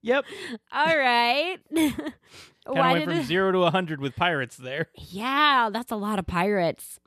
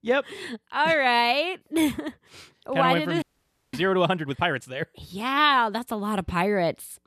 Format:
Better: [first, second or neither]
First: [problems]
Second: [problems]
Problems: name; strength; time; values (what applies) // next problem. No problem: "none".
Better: first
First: none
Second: audio freezing; at 3 s for 0.5 s